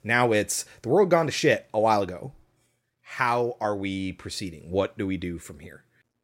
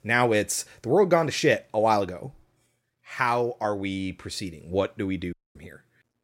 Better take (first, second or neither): first